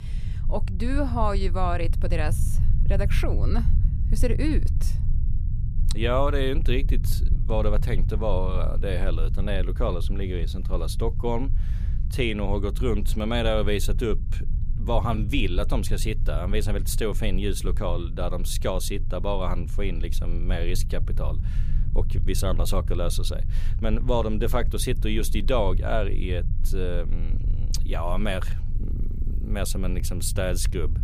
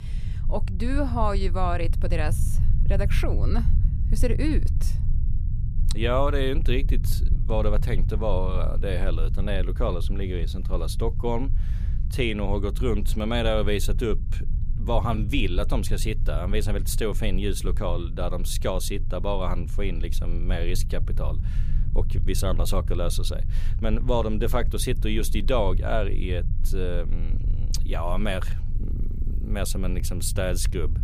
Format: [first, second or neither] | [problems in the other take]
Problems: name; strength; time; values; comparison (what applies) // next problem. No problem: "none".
neither | low rumble; noticeable; throughout; 15 dB below the speech; the same in both